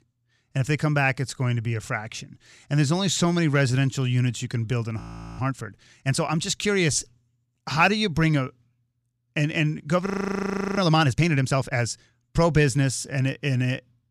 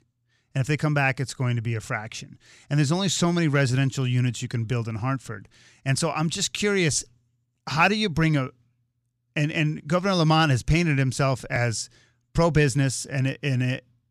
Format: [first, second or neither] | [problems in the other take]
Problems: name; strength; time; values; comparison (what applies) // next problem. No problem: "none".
second | audio freezing; at 5 s and at 10 s for 0.5 s